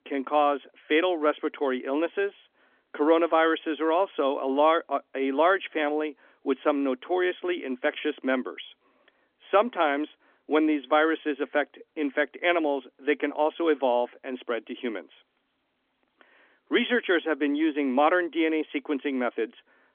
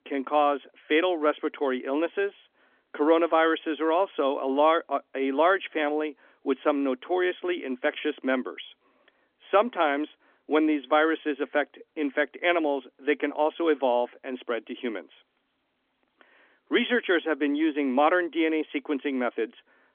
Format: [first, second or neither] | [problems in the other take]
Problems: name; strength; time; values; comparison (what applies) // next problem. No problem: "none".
neither | phone-call audio; nothing above 3.5 kHz; the same in both